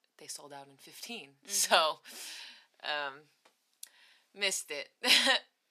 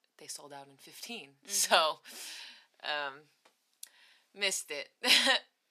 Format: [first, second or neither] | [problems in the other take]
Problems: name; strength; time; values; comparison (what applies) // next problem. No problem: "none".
neither | thin; very; fading below 700 Hz; the same in both